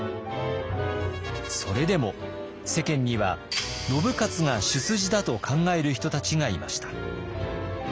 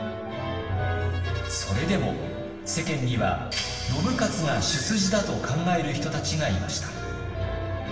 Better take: first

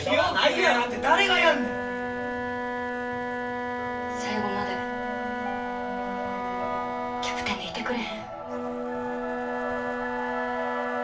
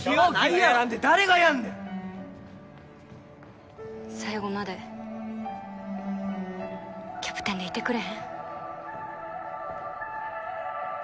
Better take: second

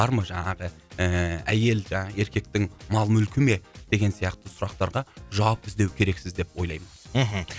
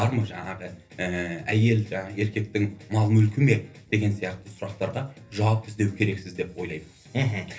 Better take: first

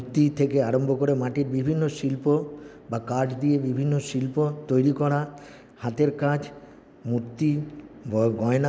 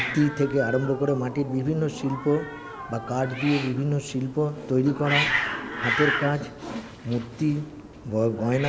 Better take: first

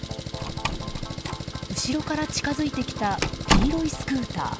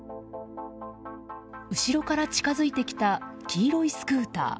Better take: second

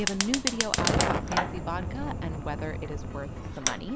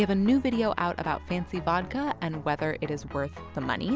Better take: second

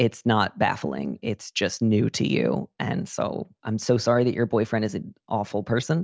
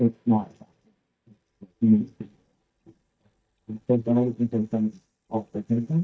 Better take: first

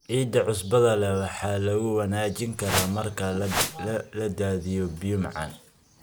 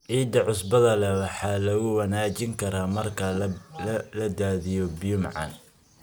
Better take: second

